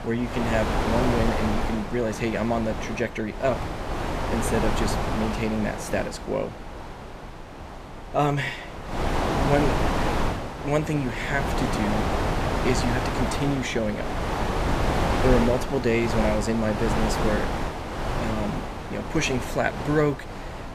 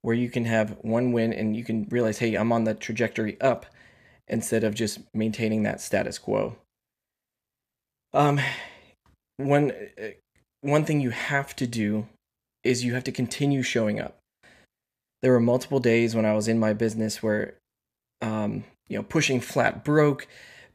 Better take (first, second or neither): second